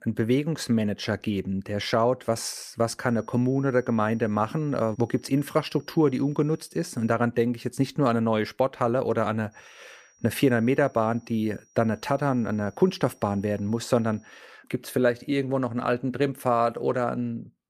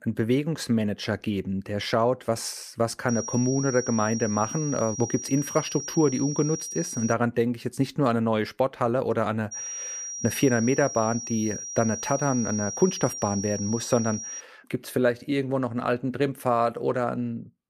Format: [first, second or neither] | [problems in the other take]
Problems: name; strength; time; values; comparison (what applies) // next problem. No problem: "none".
first | high-pitched whine; loud; from 3 to 7 s and from 9.5 to 14 s; 5.5 kHz, 7 dB below the speech; faint in the first